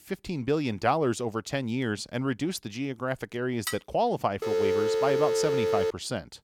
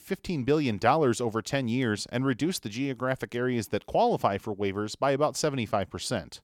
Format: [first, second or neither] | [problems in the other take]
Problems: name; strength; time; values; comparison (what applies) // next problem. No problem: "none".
second | clattering dishes; noticeable; at 3.5 s; peak 6 dB below the speech // phone ringing; loud; from 4.5 to 6 s; peak 4 dB above the speech